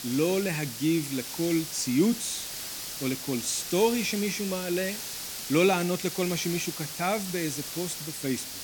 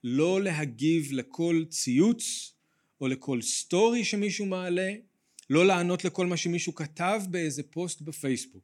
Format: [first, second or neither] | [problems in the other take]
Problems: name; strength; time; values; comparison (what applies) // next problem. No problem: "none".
second | hiss; loud; throughout; 6 dB below the speech